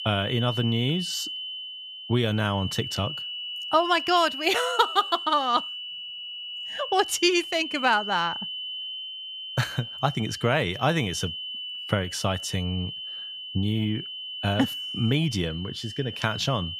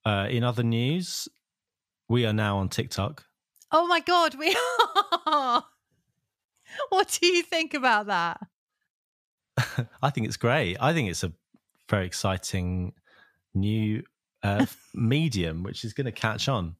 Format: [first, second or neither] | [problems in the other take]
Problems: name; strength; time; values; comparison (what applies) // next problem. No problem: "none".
second | high-pitched whine; loud; throughout; 3 kHz, 7 dB below the speech